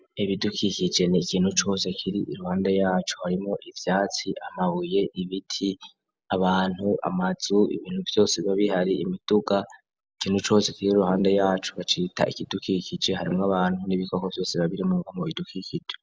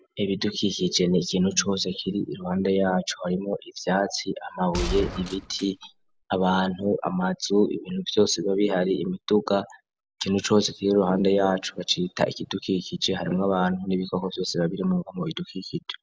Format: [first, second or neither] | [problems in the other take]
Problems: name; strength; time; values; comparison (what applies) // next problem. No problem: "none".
first | background sound (Gunshot, gunfire); 8 dB below the speech